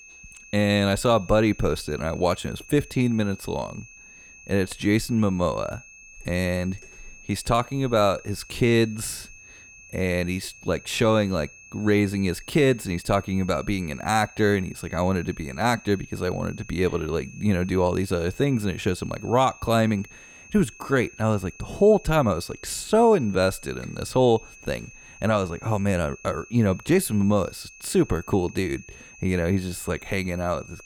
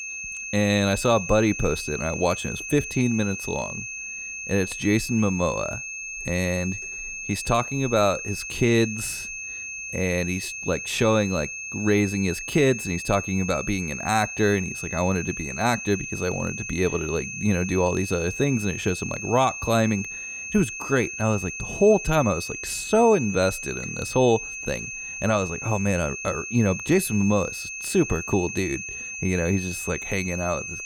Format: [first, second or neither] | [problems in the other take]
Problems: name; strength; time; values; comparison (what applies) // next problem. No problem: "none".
first | high-pitched whine; loud; throughout; 2.5 kHz, 7 dB below the speech; faint in the first